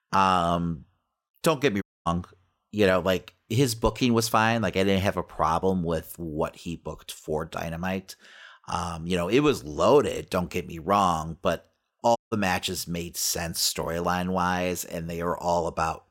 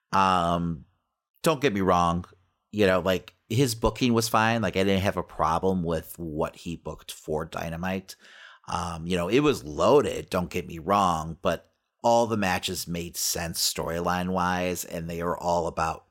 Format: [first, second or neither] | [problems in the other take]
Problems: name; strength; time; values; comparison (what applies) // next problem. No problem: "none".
second | audio cutting out; at 2 s and at 12 s